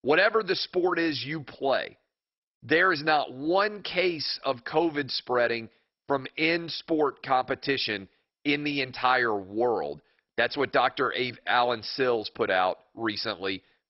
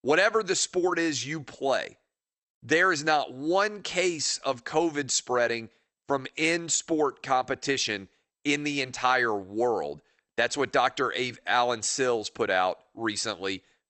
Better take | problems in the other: second | garbled, watery; badly; nothing above 5.5 kHz; slightly in the second

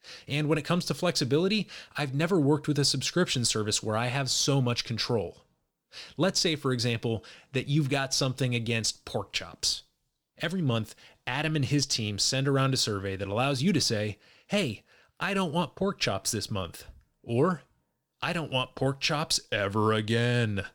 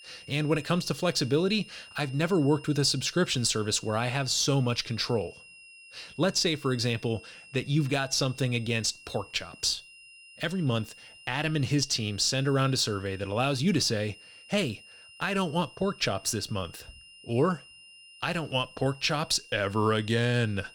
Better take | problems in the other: first | high-pitched whine; faint; throughout; 3 kHz, 20 dB below the speech

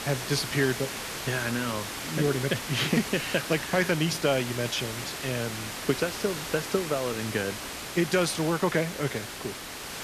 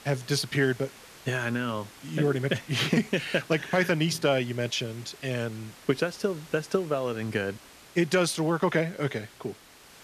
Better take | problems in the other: second | hiss; loud; throughout; 6 dB below the speech; faint in the second

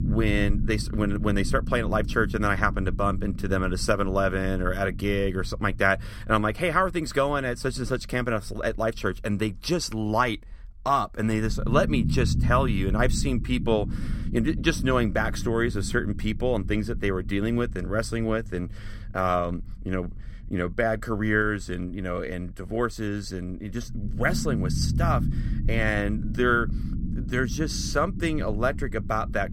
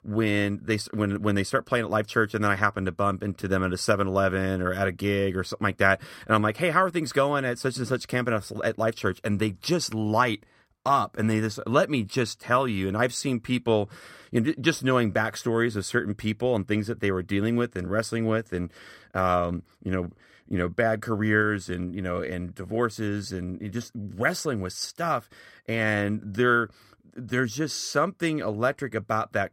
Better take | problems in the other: second | low rumble; noticeable; throughout; 15 dB below the speech

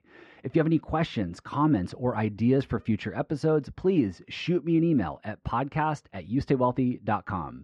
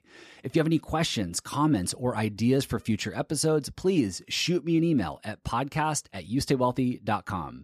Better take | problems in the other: second | muffled; very; fading above 2 kHz

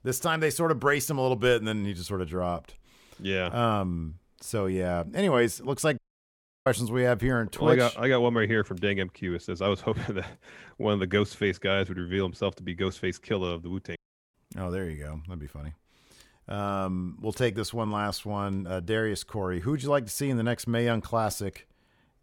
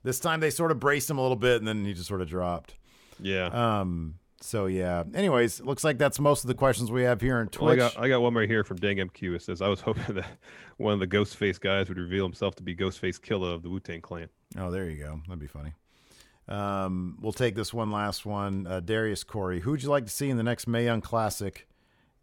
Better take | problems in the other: second | audio cutting out; at 6 s for 0.5 s and at 14 s

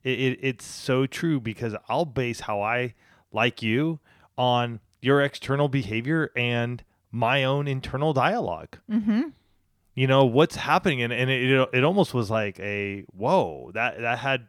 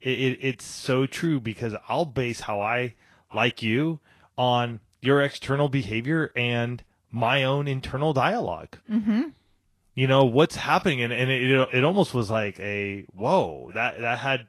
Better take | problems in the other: first | garbled, watery; slightly; nothing above 12.5 kHz

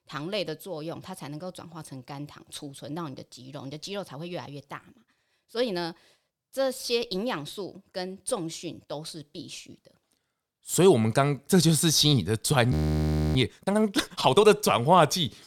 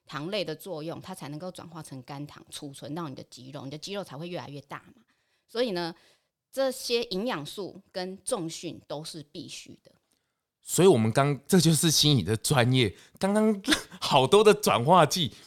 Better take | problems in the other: second | audio freezing; at 13 s for 0.5 s

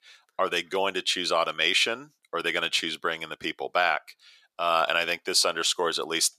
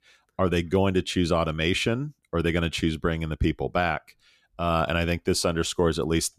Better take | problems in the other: second | thin; very; fading below 650 Hz

